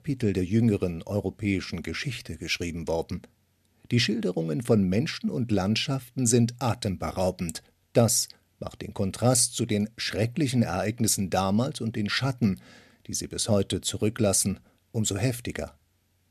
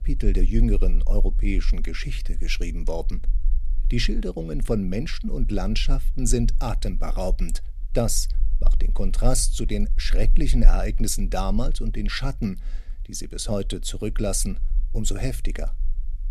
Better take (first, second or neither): first